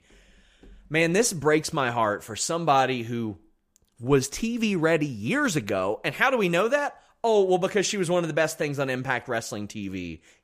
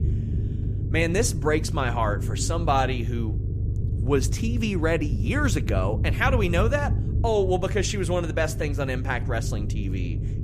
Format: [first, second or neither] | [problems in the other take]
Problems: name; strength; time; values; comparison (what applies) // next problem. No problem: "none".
first | low rumble; noticeable; throughout; 15 dB below the speech